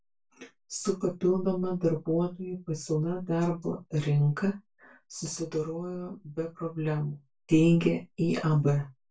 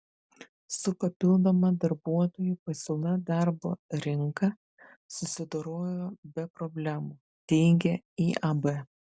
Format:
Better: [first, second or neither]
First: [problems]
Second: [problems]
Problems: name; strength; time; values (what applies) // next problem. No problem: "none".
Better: second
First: room echo; dies away in 0.2 s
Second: none